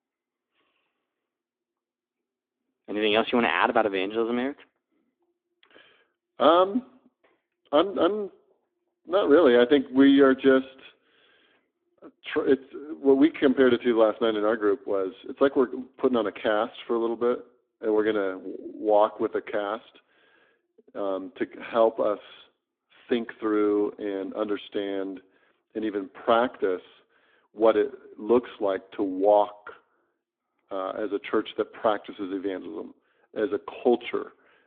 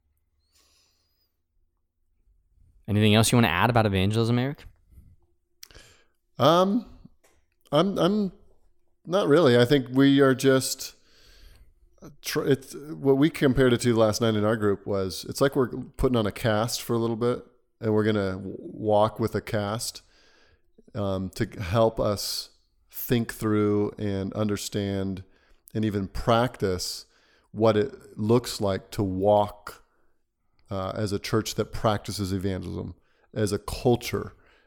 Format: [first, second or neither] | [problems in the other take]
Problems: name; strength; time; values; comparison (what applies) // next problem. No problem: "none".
second | phone-call audio; nothing above 3.5 kHz